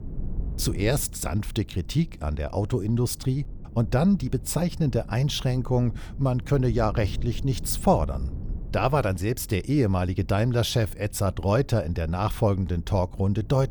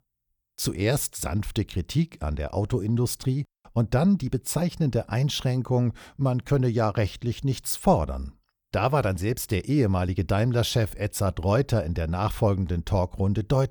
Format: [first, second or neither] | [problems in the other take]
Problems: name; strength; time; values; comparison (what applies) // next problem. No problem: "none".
second | low rumble; faint; throughout; 25 dB below the speech